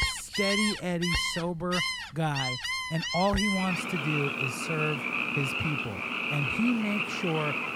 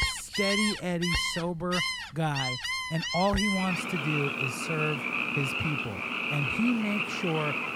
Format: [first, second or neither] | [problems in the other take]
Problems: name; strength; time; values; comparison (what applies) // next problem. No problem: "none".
neither | animal sounds; very loud; throughout; 2 dB above the speech; the same in both